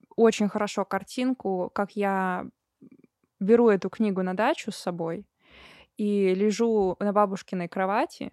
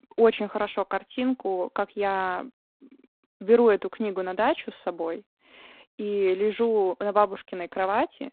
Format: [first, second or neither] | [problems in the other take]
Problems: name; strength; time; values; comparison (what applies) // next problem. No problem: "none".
first | phone-call audio; poor line; nothing above 3.5 kHz